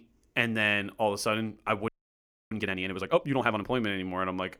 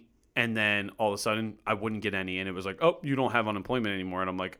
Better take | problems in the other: second | audio freezing; at 2 s for 0.5 s

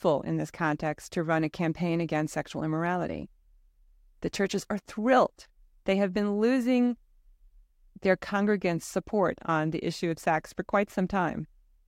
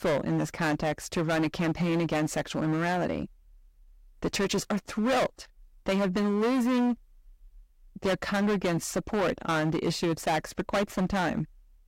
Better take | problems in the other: first | distortion; heavy; 17% of the sound clipped

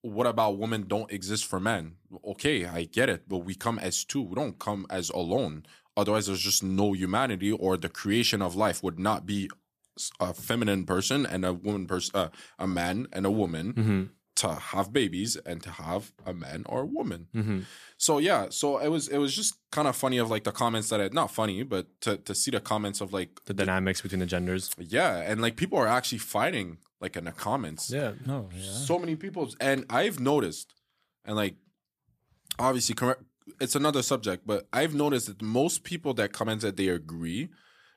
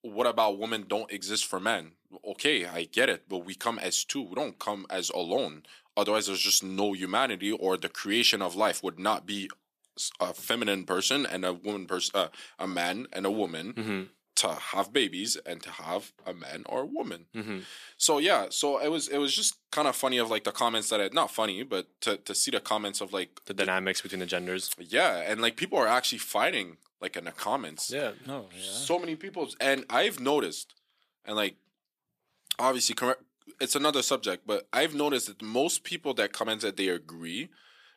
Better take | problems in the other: first | thin; very slightly; fading below 300 Hz

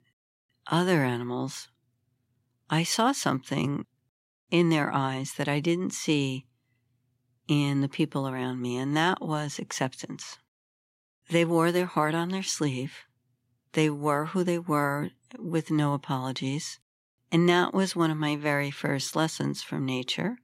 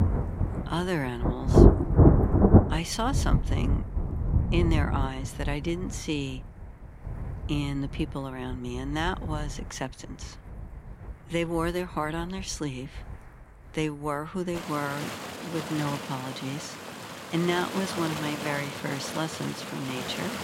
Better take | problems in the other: first | rain or running water; very loud; throughout; 4 dB above the speech

